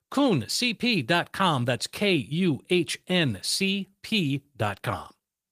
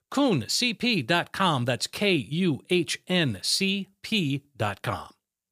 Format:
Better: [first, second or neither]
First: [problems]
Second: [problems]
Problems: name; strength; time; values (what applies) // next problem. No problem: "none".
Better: second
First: garbled, watery; slightly; nothing above 15 kHz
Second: none